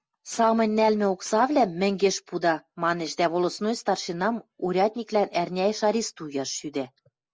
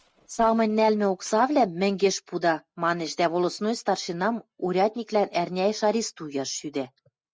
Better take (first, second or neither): first